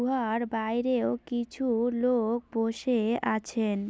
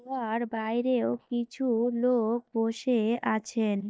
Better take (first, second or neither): first